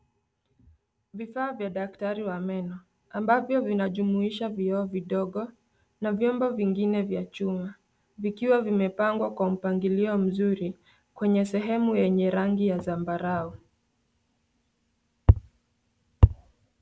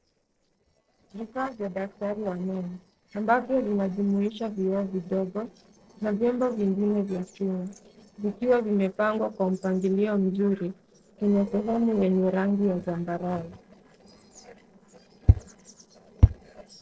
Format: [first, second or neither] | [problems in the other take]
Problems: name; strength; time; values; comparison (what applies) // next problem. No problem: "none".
first | noise reduction (neural separator model SepFormer DNS4)